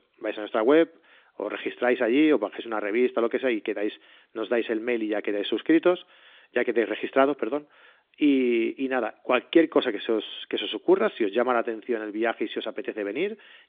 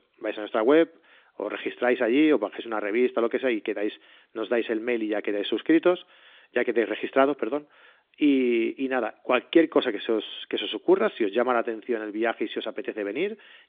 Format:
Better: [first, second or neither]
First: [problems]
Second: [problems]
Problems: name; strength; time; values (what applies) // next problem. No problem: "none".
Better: neither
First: phone-call audio; nothing above 3.5 kHz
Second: phone-call audio; nothing above 3.5 kHz